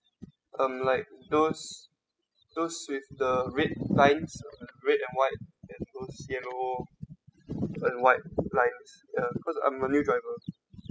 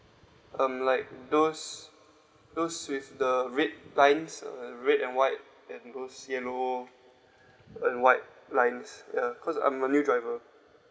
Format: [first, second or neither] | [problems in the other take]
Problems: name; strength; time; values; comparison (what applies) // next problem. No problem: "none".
second | noise reduction (classical method spectral subtraction)